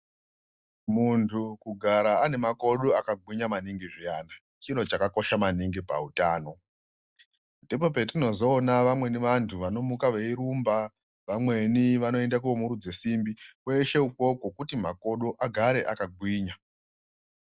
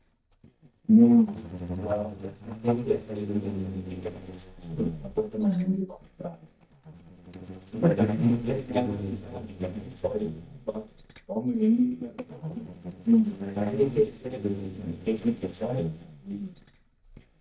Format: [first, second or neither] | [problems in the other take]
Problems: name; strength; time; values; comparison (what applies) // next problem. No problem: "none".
first | noise reduction (neural mask model DeepFilterNet 3)